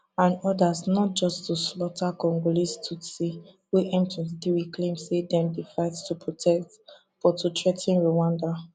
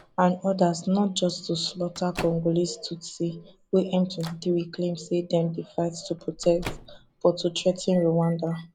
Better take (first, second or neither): first